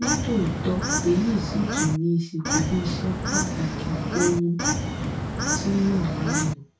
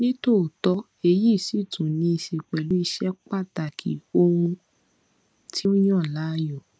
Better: second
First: background sound (Bird / Fowl); as loud as the speech // room echo; dies away in 0.2 s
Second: none

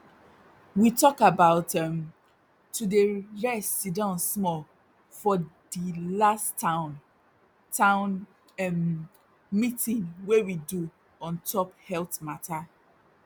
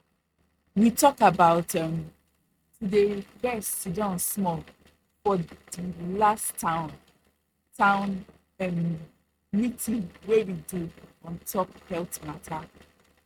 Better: first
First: none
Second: noise reduction (neural mask model RNNoise)

